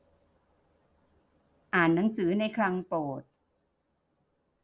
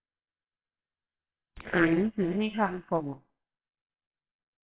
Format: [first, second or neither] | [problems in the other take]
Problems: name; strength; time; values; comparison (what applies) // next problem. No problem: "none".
first | noise reduction (neural separator model SepFormer WHAMR!)